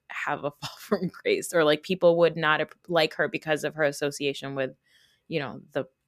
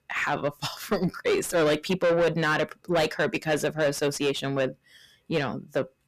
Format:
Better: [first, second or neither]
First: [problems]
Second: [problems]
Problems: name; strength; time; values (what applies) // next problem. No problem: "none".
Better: first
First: none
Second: distortion; heavy; 6 dB below the speech